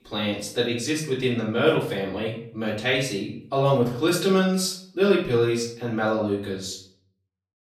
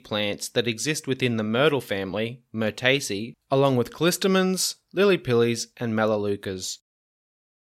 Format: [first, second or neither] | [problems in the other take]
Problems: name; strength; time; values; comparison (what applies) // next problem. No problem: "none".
second | room echo; noticeable; dies away in 0.5 s // off-mic speech; far